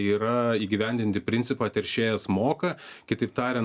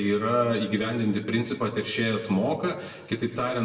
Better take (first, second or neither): first